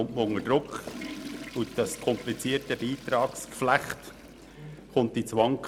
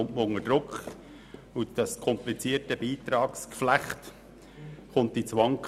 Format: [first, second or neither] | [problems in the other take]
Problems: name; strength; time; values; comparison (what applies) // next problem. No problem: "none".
second | background sound (Toilet flush / Water); 16 dB below the speech